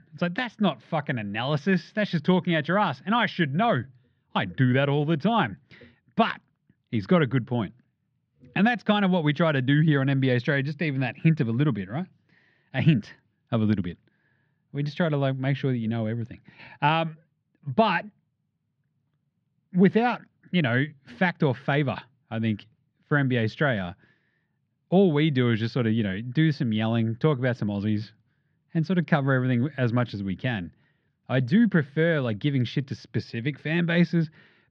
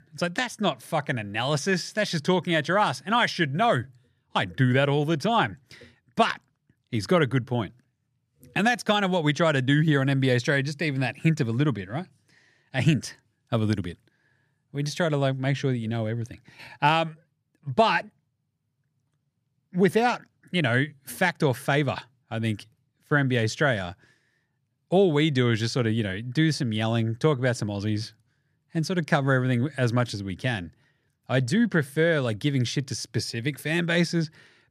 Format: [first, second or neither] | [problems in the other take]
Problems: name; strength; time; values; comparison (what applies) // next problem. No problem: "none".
second | muffled; slightly; fading above 3.5 kHz